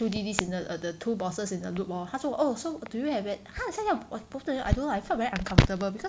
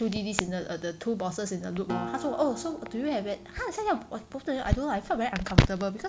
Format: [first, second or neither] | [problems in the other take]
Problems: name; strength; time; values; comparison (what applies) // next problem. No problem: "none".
first | background sound (Acoustic guitar); 12 dB below the speech